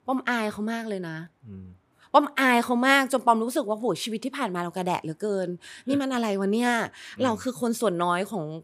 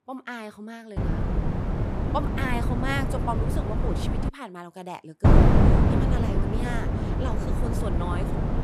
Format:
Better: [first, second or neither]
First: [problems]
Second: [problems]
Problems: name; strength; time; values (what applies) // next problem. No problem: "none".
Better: first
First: none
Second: wind noise on the microphone; heavy; from 1 to 4.5 s and from 5.5 s on; 2 dB above the speech